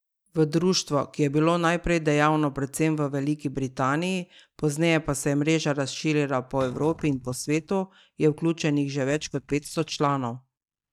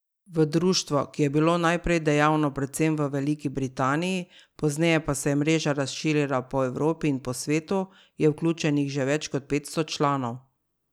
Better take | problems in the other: second | noise reduction (neural mask model DeepFilterNet 3)

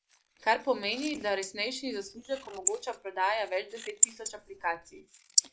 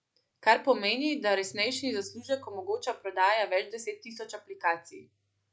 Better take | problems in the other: second | noise reduction (neural mask model Resemble Enhance denoiser)

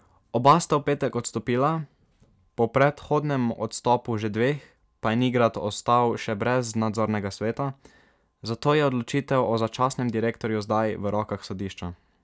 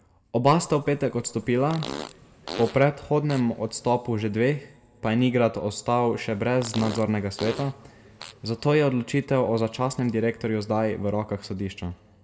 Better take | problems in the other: first | background sound (Fart); 14 dB below the speech // room echo; dies away in 1.1 s

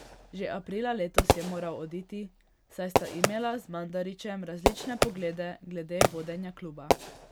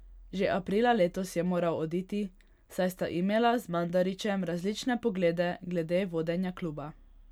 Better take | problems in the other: second | background sound (Fireworks); 4 dB above the speech

